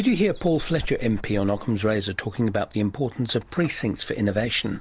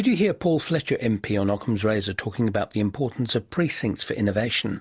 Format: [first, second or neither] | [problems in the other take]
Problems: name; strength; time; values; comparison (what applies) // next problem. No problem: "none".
second | background sound (Dog); 14 dB below the speech